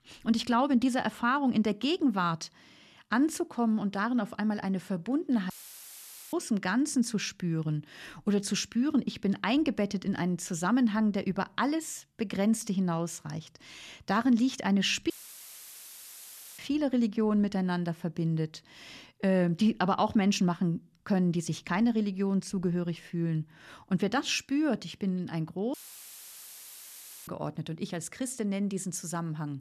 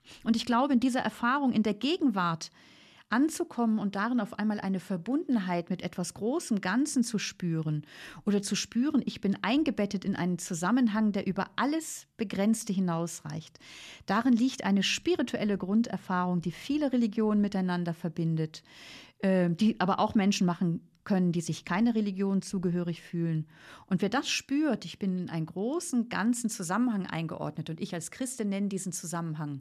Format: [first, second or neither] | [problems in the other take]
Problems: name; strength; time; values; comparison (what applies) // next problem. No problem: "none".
second | audio cutting out; filled with static; at 5.5 s for 1 s, at 15 s for 1.5 s and at 26 s for 1.5 s